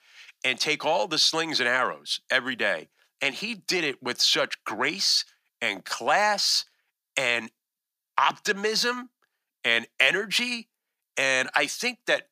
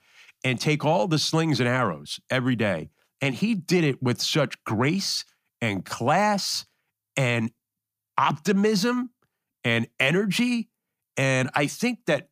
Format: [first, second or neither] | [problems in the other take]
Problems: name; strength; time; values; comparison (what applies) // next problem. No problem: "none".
second | thin; somewhat; fading below 450 Hz